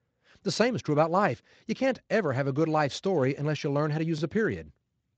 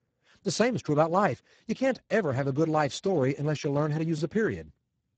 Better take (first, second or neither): first